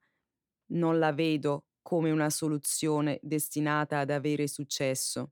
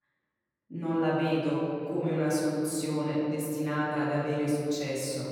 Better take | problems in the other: first | room echo; strong; dies away in 2.6 s // off-mic speech; far

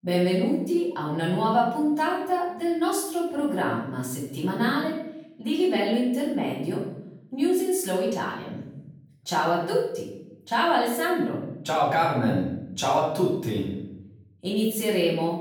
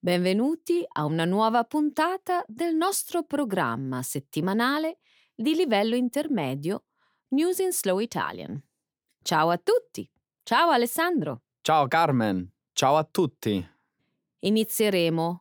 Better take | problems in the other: second | off-mic speech; far // room echo; noticeable; dies away in 0.8 s

